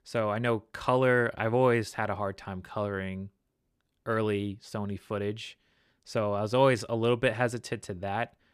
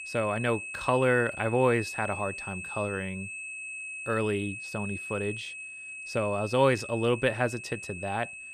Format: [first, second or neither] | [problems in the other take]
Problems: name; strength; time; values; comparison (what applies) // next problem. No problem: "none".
first | high-pitched whine; loud; throughout; 2.5 kHz, 8 dB below the speech